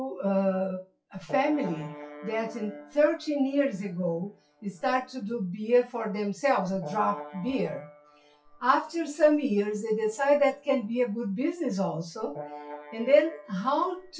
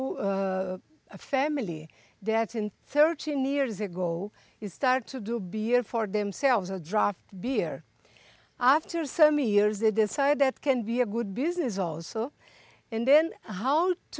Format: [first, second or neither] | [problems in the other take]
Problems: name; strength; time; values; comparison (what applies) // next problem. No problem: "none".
second | noise reduction (classical method WPE with log-MMSE)